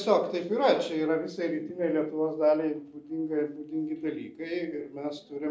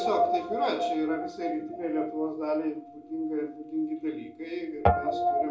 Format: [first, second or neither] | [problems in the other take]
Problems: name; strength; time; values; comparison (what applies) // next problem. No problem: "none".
first | background sound (Guitar); as loud as the speech // room echo; dies away in 0.3 s